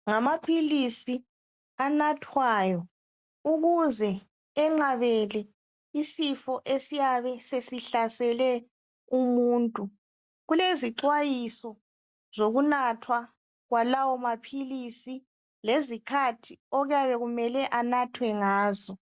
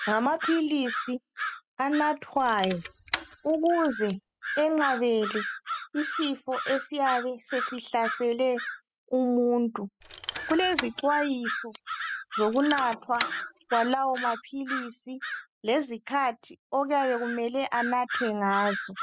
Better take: first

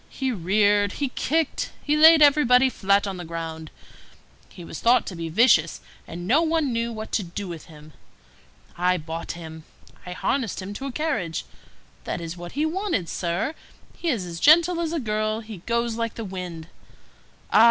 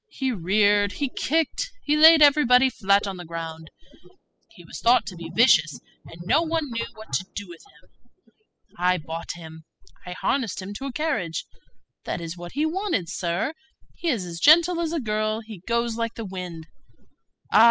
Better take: first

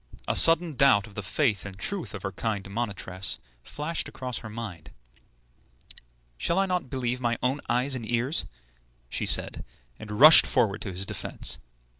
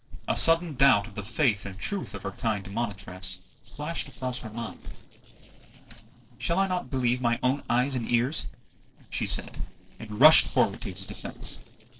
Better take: first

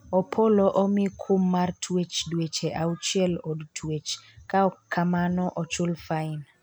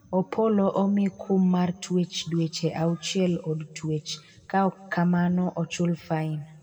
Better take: first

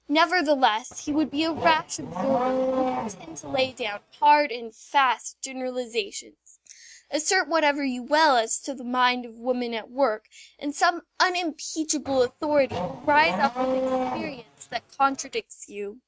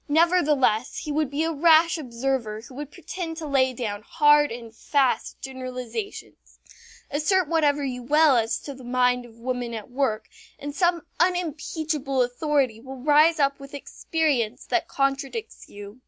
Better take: second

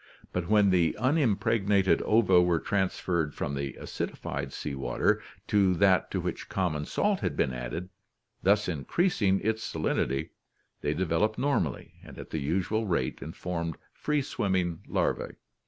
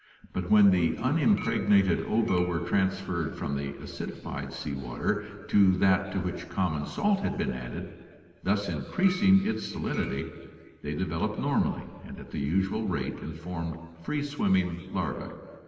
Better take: first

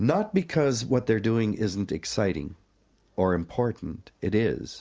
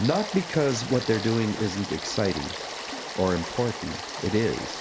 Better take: first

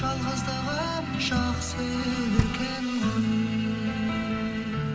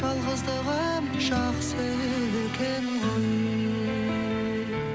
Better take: second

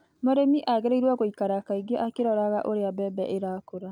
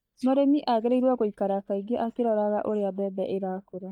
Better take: first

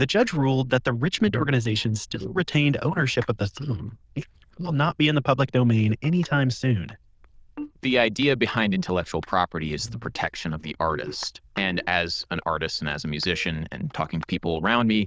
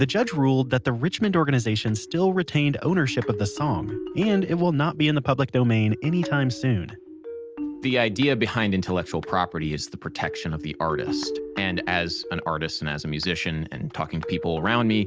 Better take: second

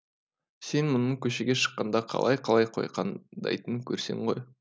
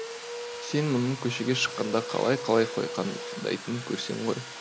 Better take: first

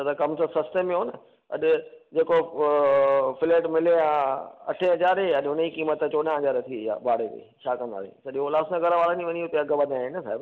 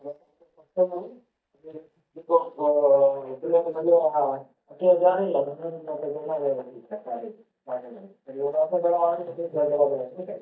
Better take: first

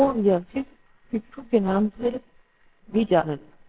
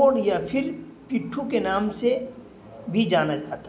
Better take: second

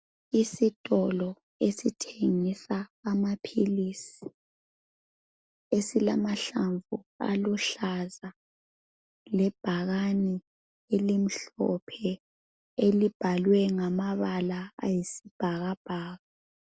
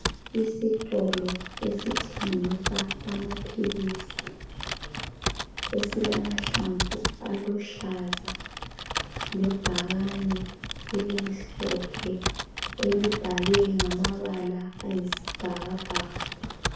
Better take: first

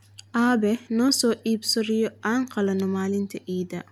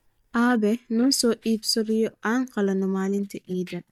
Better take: first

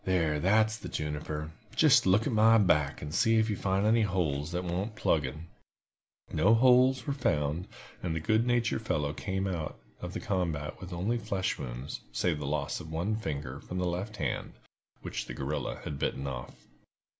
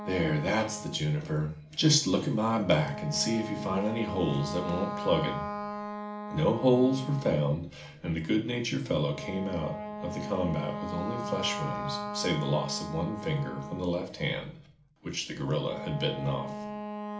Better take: first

